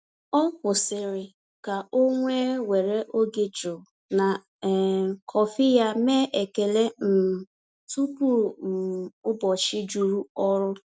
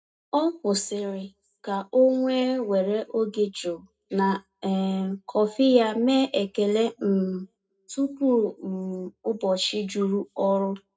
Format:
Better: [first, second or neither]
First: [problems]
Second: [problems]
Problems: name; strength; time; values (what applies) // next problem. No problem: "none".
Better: first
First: none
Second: room echo; dies away in 0.2 s